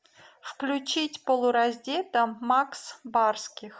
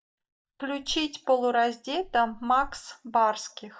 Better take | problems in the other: first | noise reduction (neural mask model DeepFilterNet 3)

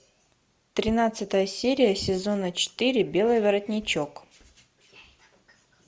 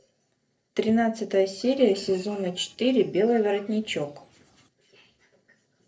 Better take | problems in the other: first | noise reduction (neural separator model SepFormer DNS4)

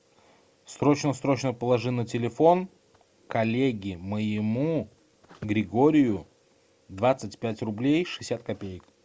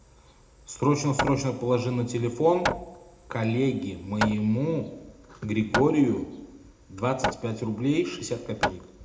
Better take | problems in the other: first | background sound (Hammer); 8 dB below the speech // room echo; dies away in 0.6 s

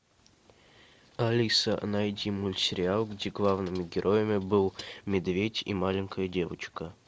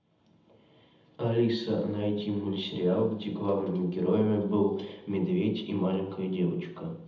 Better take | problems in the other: first | room echo; dies away in 0.8 s

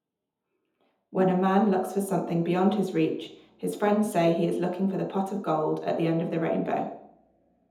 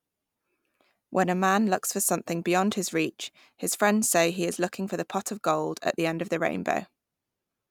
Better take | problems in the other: second | room echo; dies away in 0.7 s

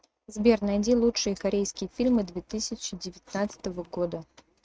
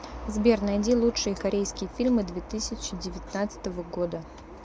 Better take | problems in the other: second | noise reduction (neural mask model RNNoise)

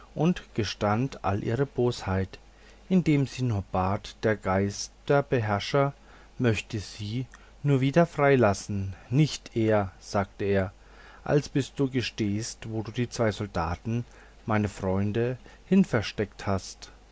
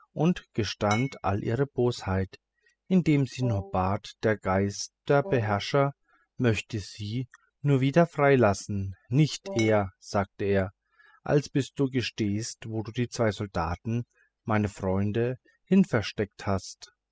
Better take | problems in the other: first | noise reduction (classical method spectral subtraction)

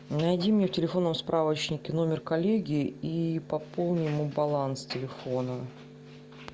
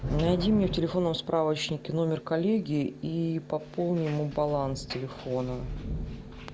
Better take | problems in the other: first | background sound (Thunder / Rain); 10 dB below the speech

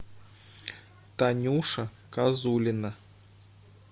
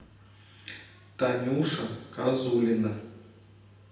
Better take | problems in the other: first | room echo; dies away in 0.9 s

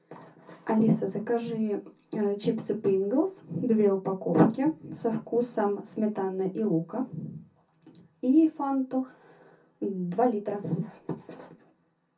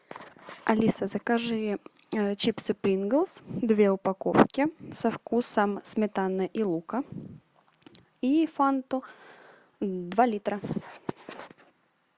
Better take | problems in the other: second | room echo; dies away in 0.3 s

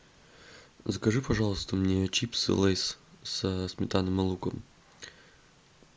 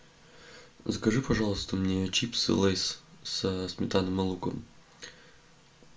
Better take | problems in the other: first | room echo; dies away in 0.2 s

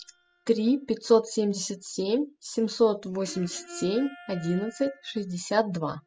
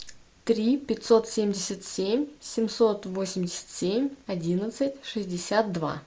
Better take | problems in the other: second | noise reduction (classical method spectral subtraction)

